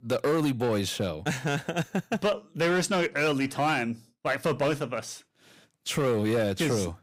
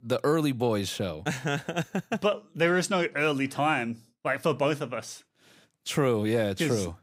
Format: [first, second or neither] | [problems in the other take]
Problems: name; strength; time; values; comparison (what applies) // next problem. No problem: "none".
second | distortion; slight; 7% of the sound clipped